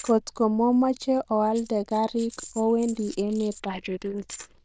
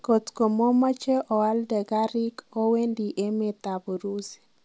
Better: second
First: noise reduction (neural diffusion model UNIVERSE++)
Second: none

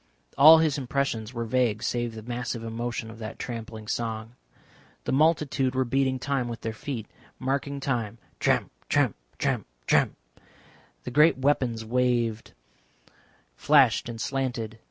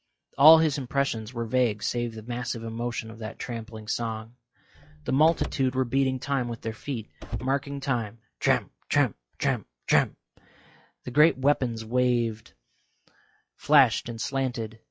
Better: first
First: none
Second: noise reduction (classical method log-MMSE)

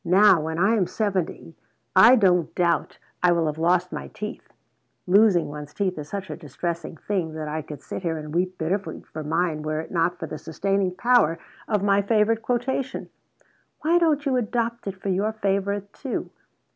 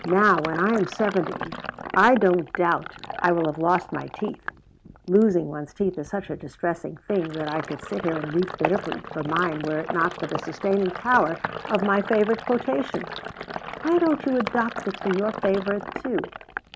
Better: first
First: none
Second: background sound (Sink (filling or washing)); 10 dB below the speech

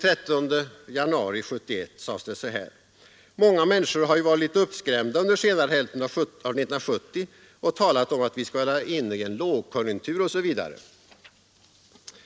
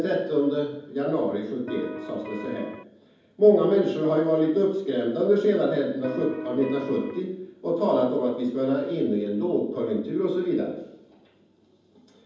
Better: first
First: none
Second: background sound (Electric guitar); 12 dB below the speech // room echo; dies away in 0.9 s

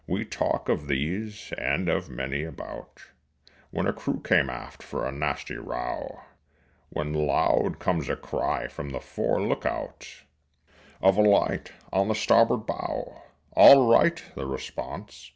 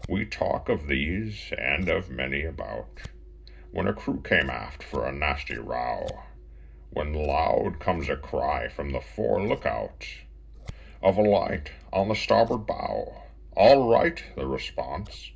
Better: first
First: none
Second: background sound (Scissors); 18 dB below the speech // room echo; dies away in 0.2 s

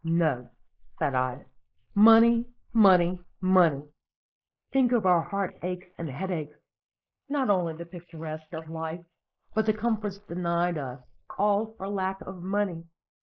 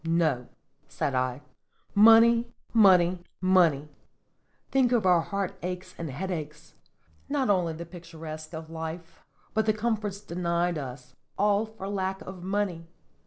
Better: second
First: noise reduction (neural mask model Resemble Enhance denoiser)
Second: none

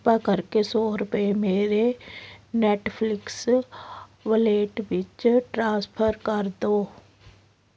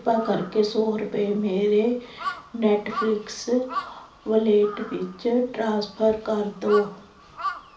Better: first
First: none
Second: background sound (Crow); 13 dB below the speech // room echo; dies away in 0.4 s

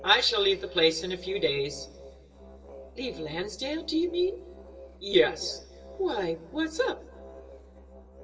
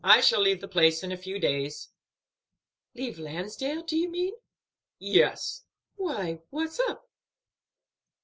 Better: second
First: background sound (Musical instrument); 18 dB below the speech // room echo; dies away in 2.2 s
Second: none

